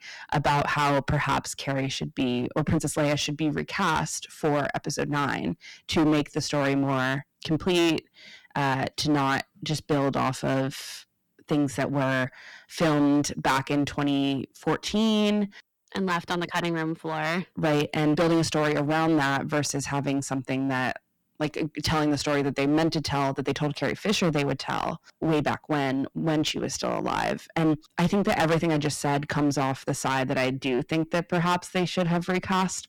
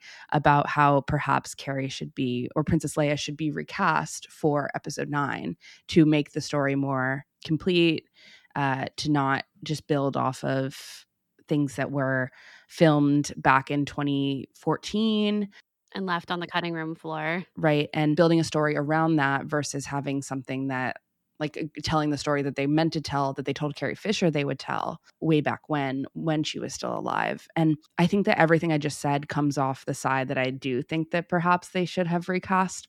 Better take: second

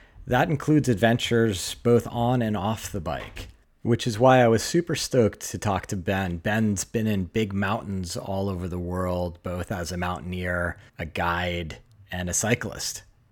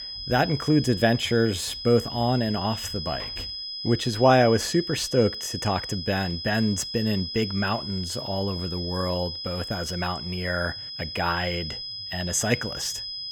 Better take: first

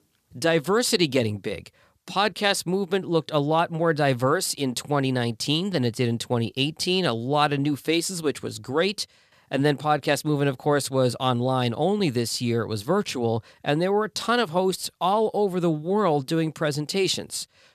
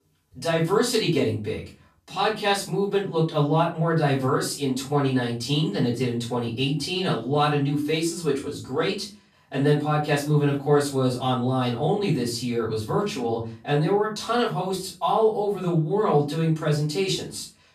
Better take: first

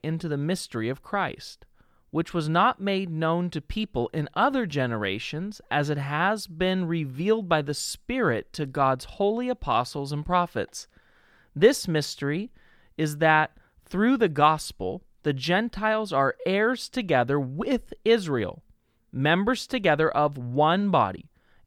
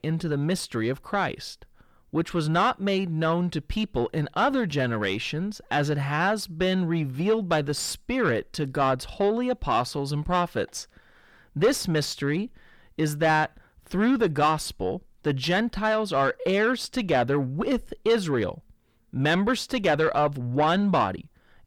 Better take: first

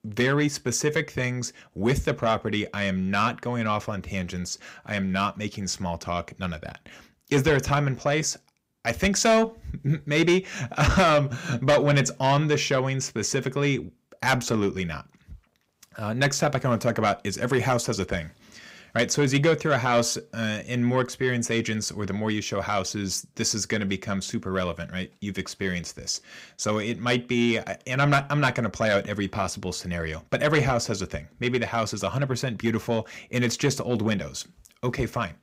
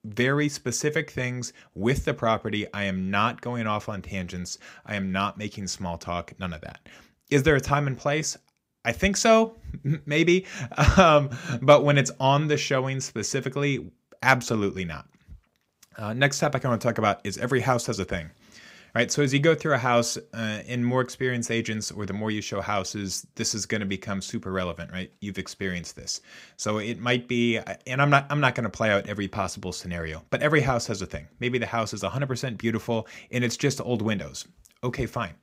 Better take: second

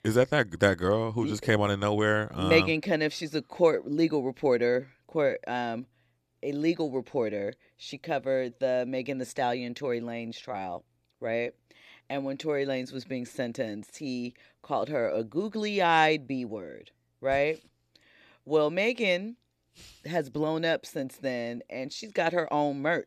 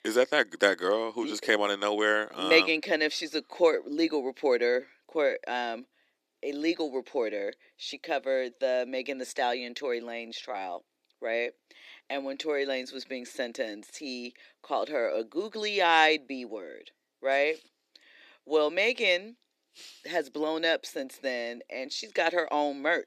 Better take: first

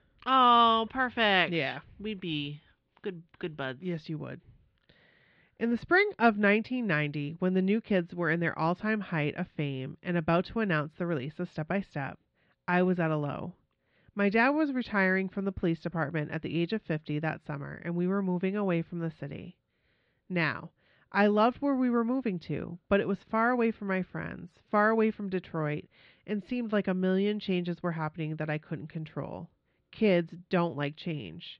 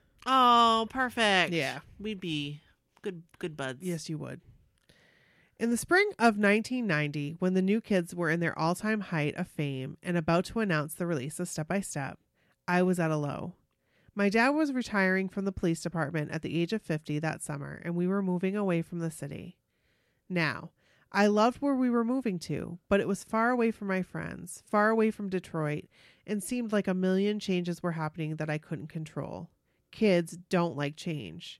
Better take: second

